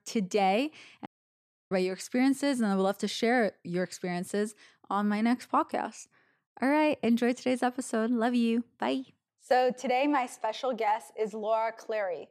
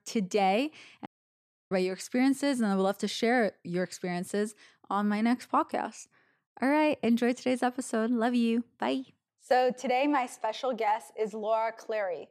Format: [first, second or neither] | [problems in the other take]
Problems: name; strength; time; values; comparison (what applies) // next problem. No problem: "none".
neither | audio cutting out; at 1 s for 0.5 s; the same in both